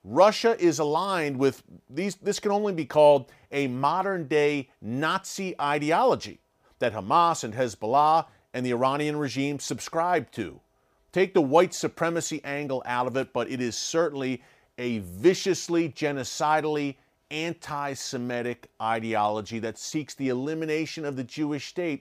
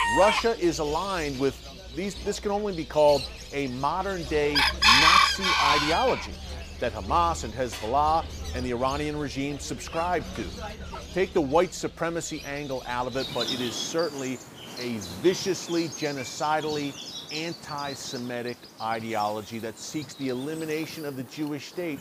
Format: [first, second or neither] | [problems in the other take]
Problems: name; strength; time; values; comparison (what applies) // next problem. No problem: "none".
first | animal sounds; very loud; throughout; 2 dB above the speech